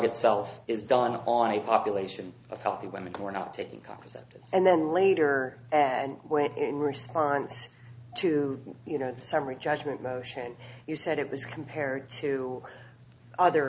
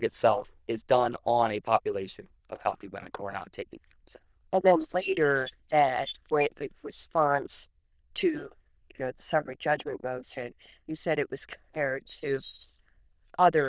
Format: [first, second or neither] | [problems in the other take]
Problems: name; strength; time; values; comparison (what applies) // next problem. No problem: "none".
first | noise reduction (neural diffusion model UNIVERSE++)